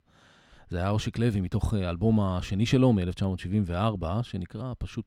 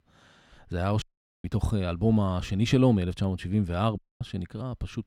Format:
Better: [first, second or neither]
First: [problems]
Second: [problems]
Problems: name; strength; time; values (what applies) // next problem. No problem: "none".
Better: first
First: none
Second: audio cutting out; at 1 s and at 4 s